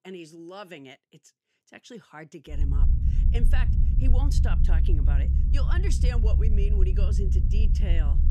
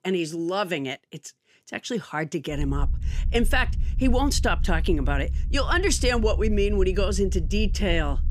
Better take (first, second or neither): second